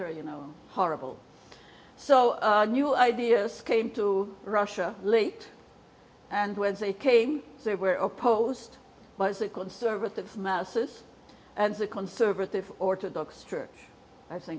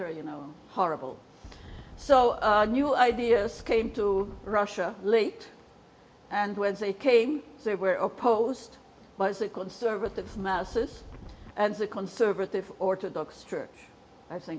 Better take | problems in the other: first | background sound (Wind); 17 dB below the speech

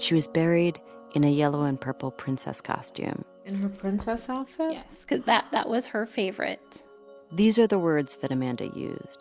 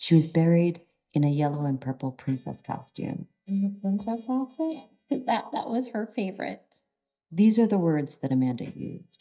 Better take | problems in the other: first | noise reduction (neural mask model DeepFilterNet 3)

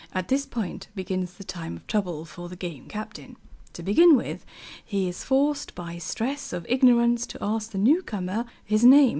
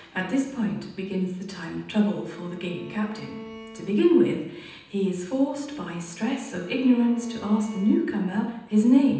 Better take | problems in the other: first | background sound (Bowed string instrument); 20 dB below the speech // room echo; dies away in 0.9 s

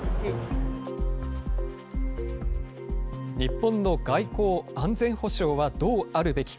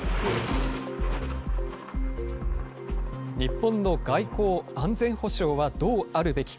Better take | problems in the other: first | background sound (Thunder); 14 dB below the speech

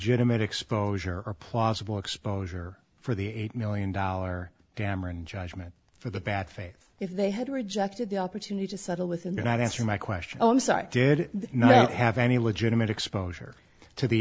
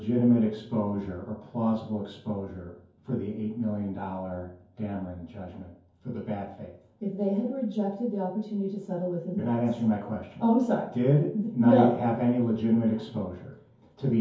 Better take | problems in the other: first | room echo; dies away in 0.6 s

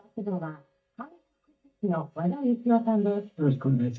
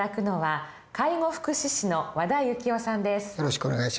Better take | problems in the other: second | noise reduction (neural mask model DeepFilterNet 3)

